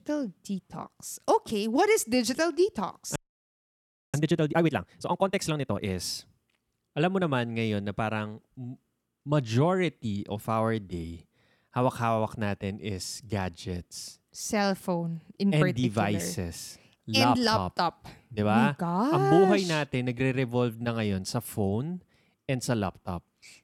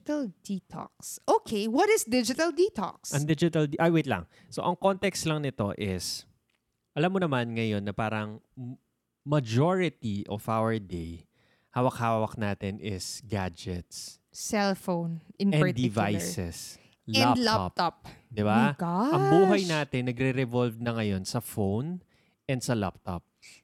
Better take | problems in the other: second | audio freezing; at 3 s for 1 s

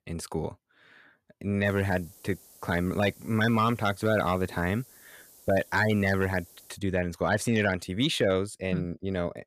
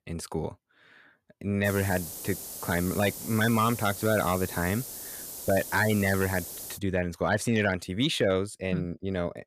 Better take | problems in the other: first | hiss; loud; from 1.5 to 7 s; 9 dB below the speech; faint in the first

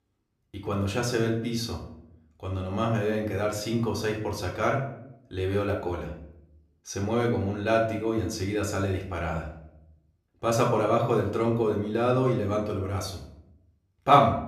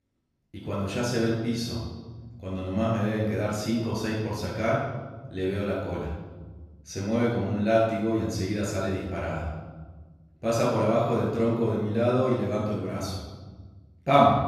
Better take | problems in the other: first | room echo; strong; dies away in 1.5 s; slight in the first // off-mic speech; far; somewhat distant in the first

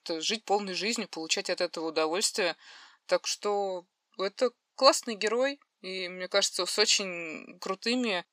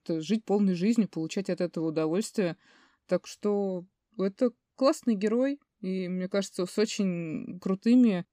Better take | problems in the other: second | thin; very; fading below 650 Hz

